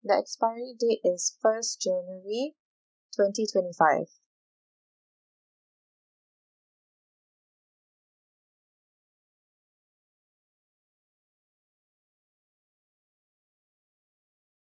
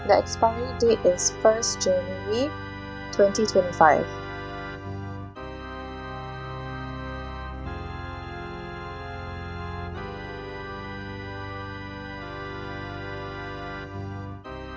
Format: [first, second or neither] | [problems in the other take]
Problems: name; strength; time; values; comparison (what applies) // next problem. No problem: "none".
first | background sound (Organ); 7 dB below the speech